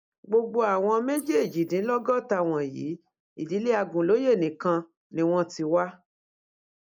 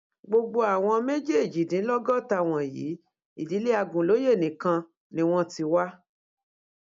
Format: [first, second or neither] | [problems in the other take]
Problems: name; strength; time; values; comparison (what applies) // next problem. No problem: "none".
second | noise reduction (neural mask model Resemble Enhance denoiser)